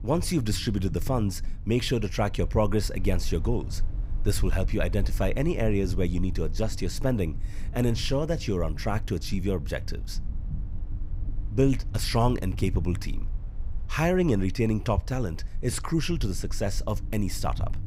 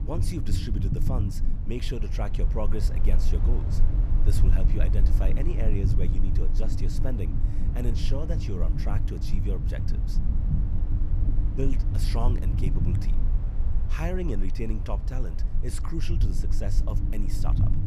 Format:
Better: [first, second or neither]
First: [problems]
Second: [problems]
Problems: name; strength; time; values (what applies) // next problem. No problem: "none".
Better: first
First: low rumble; faint; throughout; 20 dB below the speech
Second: low rumble; loud; throughout; 4 dB below the speech